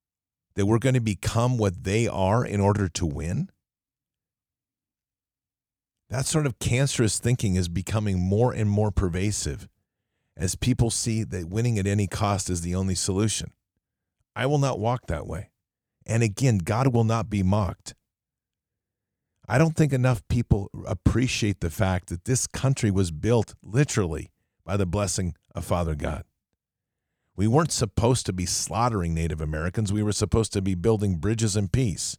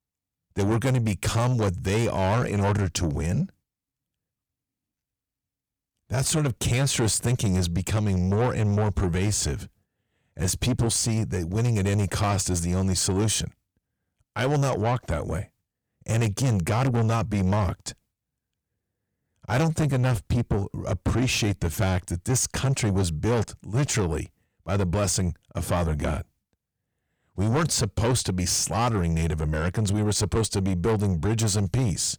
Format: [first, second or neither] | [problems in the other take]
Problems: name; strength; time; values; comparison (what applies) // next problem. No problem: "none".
first | distortion; heavy; 8 dB below the speech